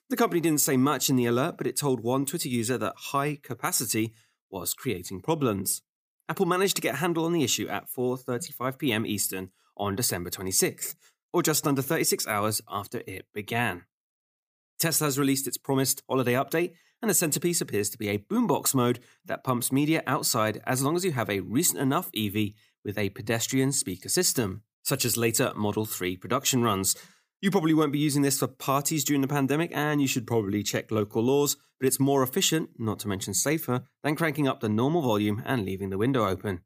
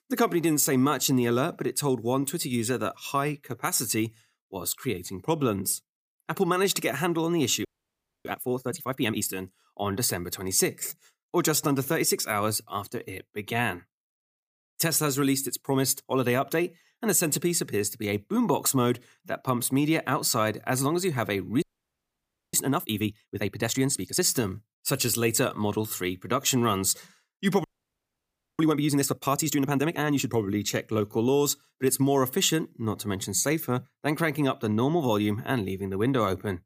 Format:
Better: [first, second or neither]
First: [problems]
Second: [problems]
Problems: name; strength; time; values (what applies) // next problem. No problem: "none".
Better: first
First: none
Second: audio freezing; at 7.5 s for 0.5 s, at 22 s for 1 s and at 28 s for 1 s